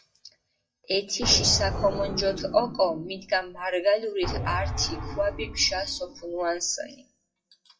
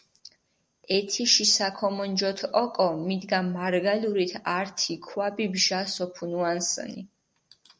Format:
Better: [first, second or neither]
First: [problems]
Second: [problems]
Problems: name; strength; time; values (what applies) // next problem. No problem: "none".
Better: second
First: noise reduction (classical method WPE with log-MMSE)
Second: none